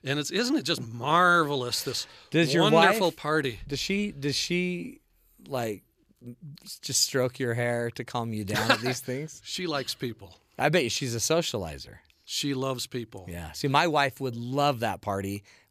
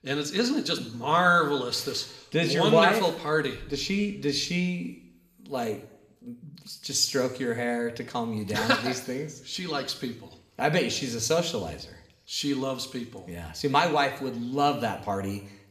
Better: first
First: none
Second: room echo; slight; dies away in 0.7 s

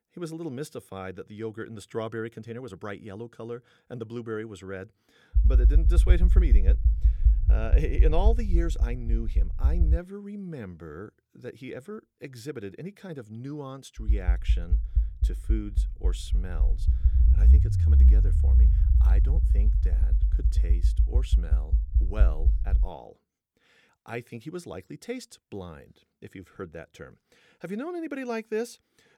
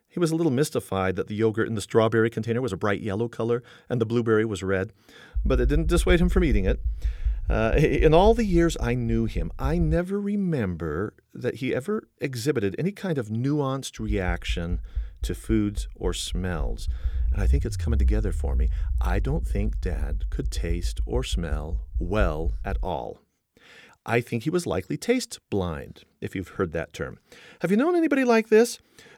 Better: second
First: low rumble; loud; from 5.5 to 10 s and from 14 to 23 s; 6 dB below the speech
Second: low rumble; faint; from 5.5 to 10 s and from 14 to 23 s; 25 dB below the speech

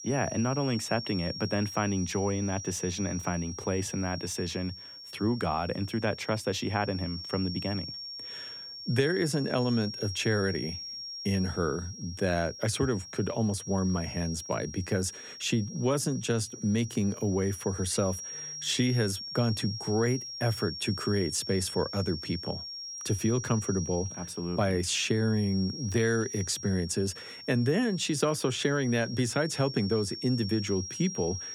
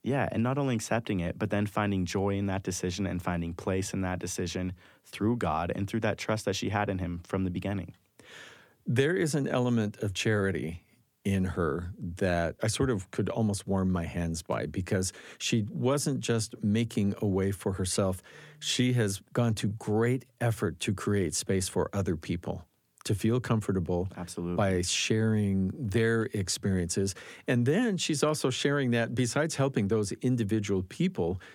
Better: second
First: high-pitched whine; loud; throughout; 5.5 kHz, 9 dB below the speech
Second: none

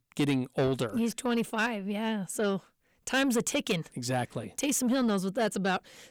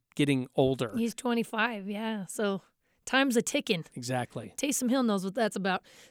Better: second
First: distortion; slight; 10 dB below the speech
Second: none

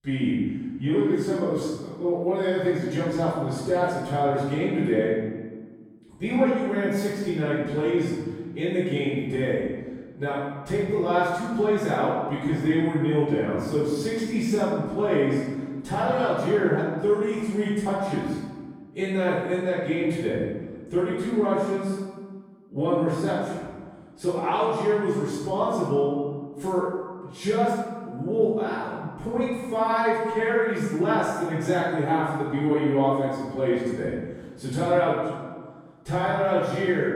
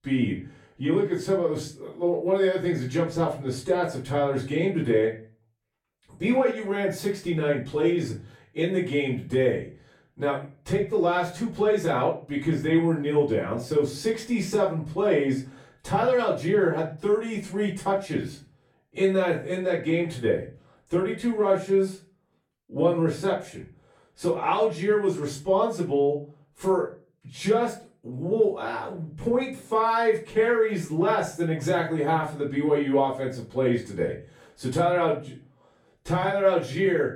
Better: second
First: room echo; strong; dies away in 1.3 s // off-mic speech; far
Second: room echo; slight; dies away in 0.3 s // off-mic speech; far

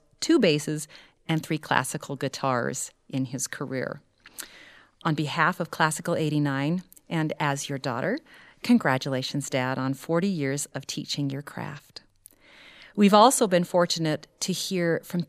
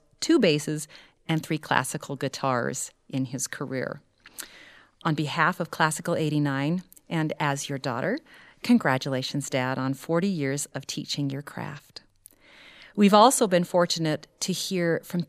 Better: neither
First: none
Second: none

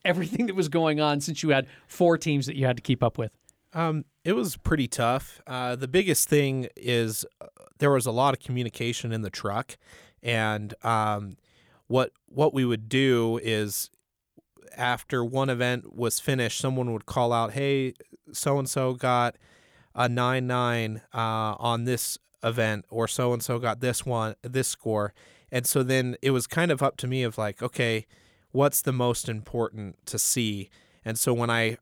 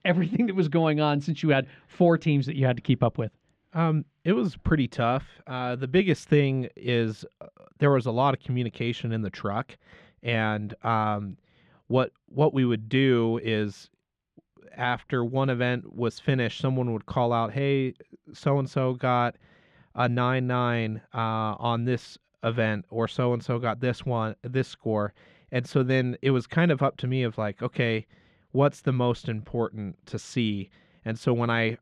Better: first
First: none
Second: muffled; slightly; fading above 3.5 kHz

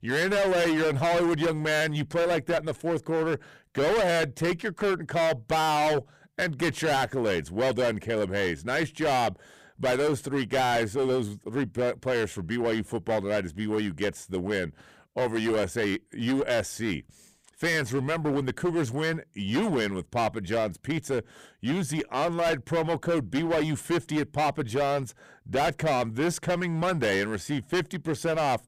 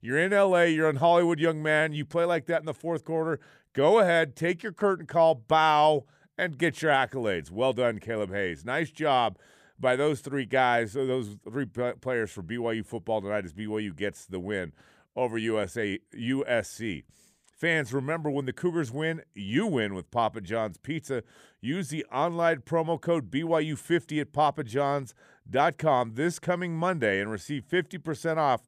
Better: second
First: distortion; heavy; 20% of the sound clipped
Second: none

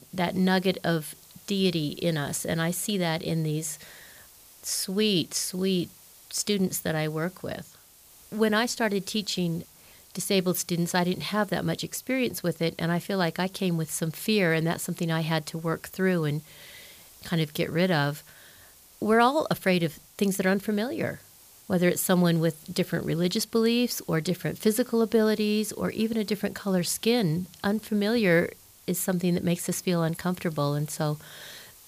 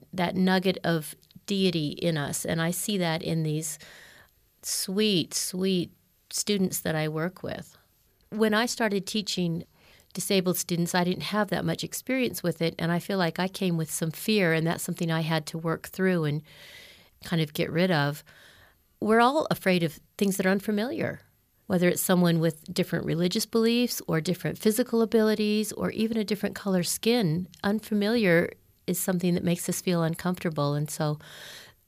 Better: second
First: hiss; faint; throughout; 25 dB below the speech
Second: none

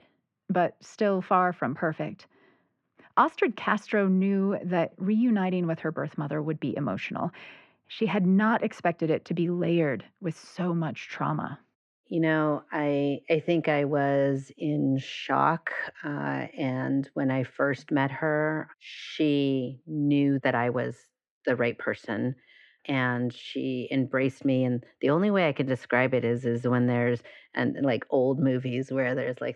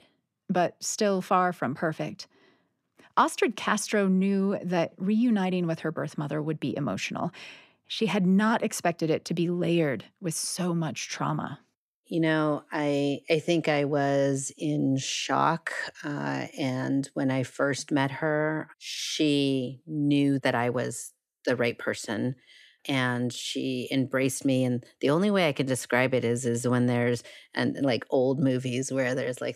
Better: second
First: muffled; very; fading above 2 kHz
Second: none

